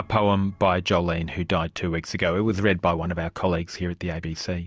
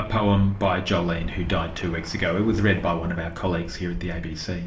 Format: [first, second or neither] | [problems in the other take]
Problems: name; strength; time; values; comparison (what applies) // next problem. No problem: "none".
first | background sound (Bird); 12 dB below the speech // room echo; dies away in 0.5 s